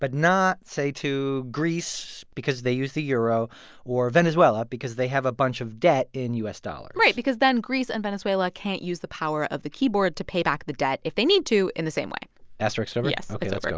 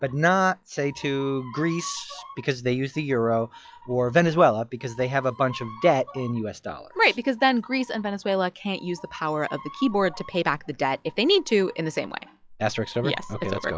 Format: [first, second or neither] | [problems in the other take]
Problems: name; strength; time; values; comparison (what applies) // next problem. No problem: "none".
first | noise reduction (classical method log-MMSE)